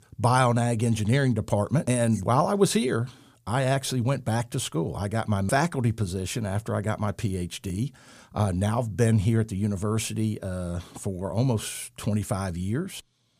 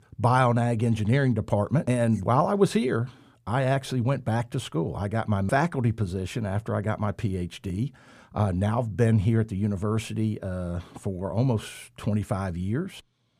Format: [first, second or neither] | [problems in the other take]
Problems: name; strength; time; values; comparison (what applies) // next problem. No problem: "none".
first | muffled; slightly; fading above 3.5 kHz